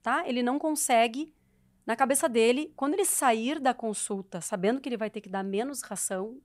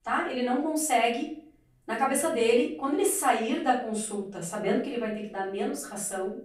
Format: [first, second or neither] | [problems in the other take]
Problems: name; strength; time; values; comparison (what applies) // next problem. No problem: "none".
first | off-mic speech; far // room echo; slight; dies away in 0.4 s